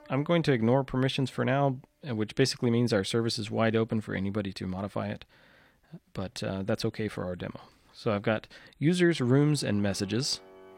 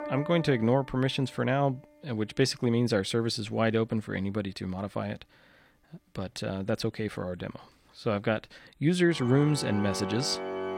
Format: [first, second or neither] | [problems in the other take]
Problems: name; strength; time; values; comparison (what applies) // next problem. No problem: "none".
first | background music; loud; throughout; 10 dB below the speech; faint in the first